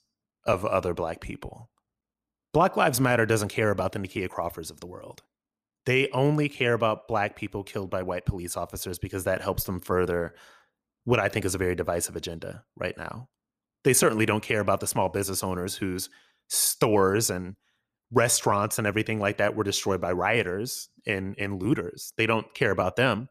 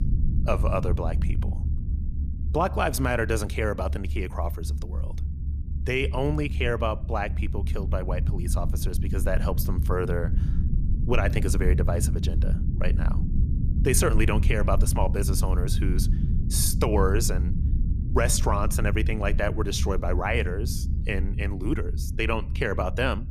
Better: first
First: none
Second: low rumble; noticeable; throughout; 15 dB below the speech

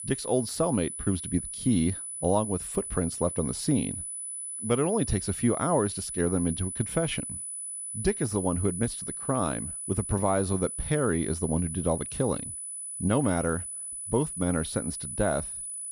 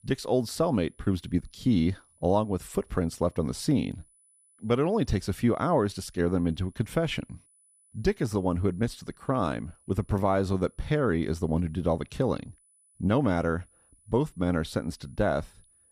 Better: second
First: high-pitched whine; loud; throughout; 10 kHz, 5 dB below the speech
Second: high-pitched whine; faint; throughout; 10 kHz, 30 dB below the speech

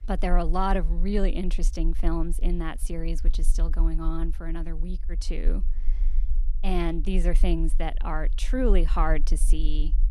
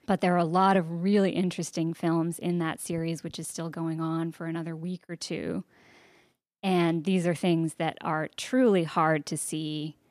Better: second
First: low rumble; faint; throughout; 25 dB below the speech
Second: none

